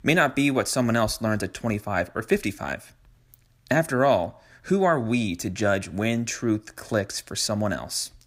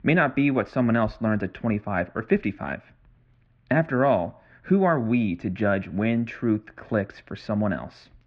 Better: first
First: none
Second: muffled; very; fading above 3 kHz

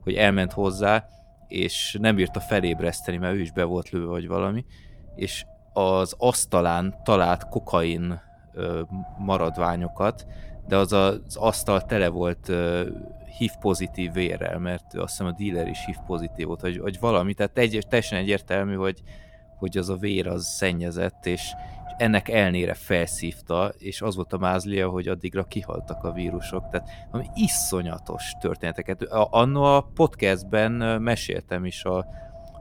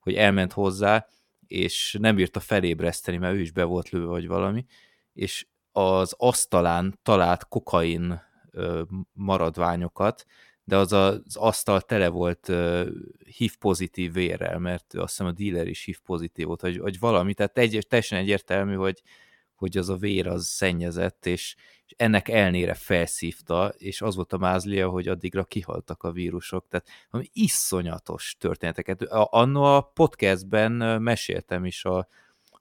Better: second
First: wind noise on the microphone; occasional gusts; 20 dB below the speech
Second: none

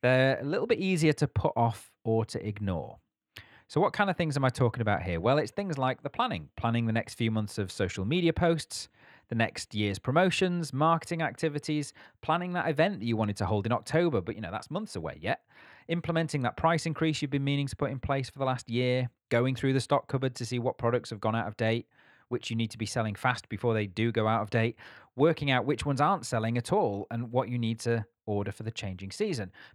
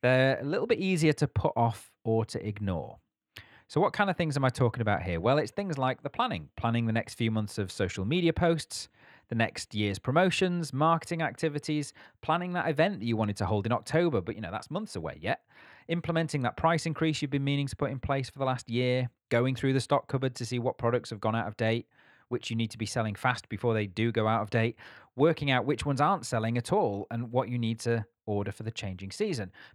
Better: neither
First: none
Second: none

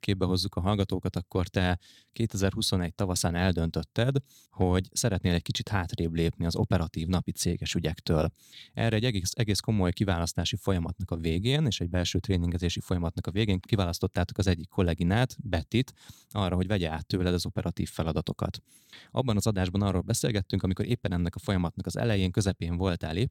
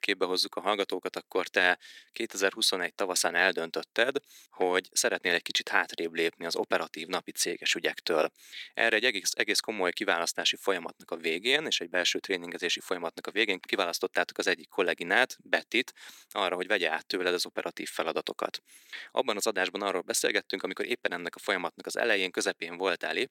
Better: first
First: none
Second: thin; very; fading below 350 Hz

